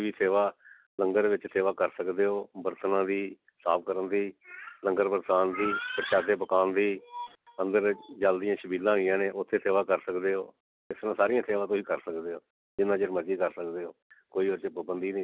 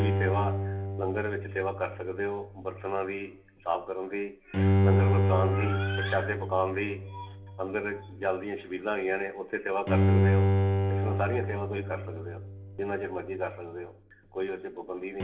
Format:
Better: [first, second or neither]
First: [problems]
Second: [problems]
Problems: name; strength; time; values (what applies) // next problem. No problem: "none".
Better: first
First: none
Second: background sound (Bowed string instrument); 4 dB above the speech // room echo; dies away in 0.9 s